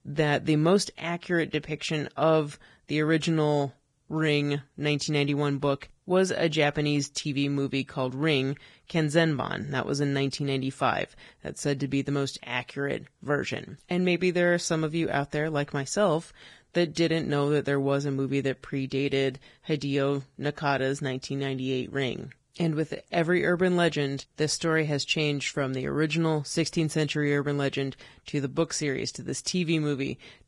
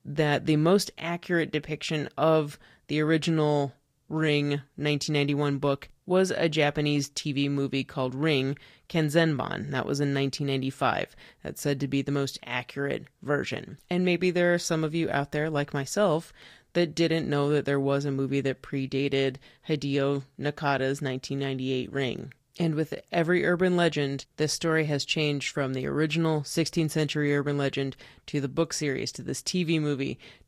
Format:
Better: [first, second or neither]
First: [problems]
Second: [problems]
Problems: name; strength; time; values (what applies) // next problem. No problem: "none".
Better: second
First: garbled, watery; badly; nothing above 10.5 kHz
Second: garbled, watery; slightly; nothing above 14.5 kHz